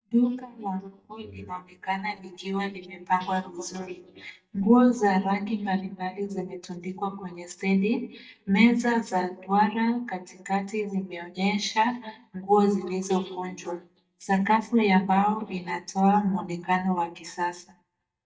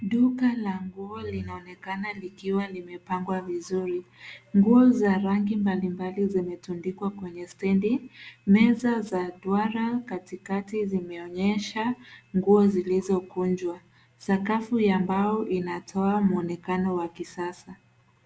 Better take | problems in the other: second | noise reduction (neural mask model DeepFilterNet 3)

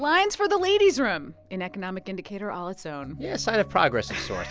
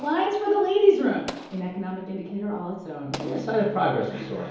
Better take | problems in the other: first | background sound (Explosion); 19 dB below the speech // room echo; dies away in 2.2 s

